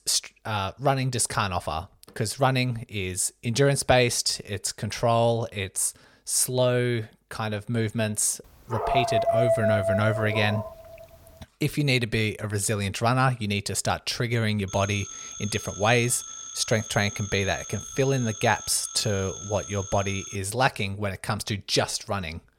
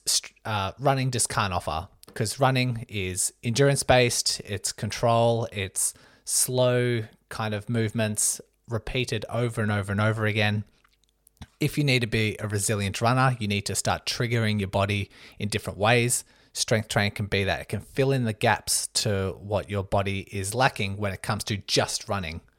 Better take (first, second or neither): second